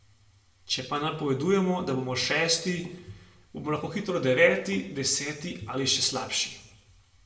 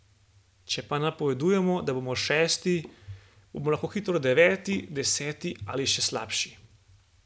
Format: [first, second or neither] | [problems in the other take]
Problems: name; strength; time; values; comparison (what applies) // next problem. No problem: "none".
second | room echo; dies away in 0.6 s